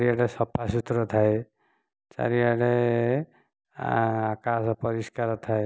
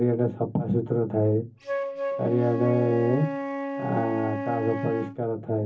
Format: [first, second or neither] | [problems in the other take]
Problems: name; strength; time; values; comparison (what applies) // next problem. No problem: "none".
first | background sound (Wind instrument, woodwind instrument); 7 dB below the speech // room echo; dies away in 0.3 s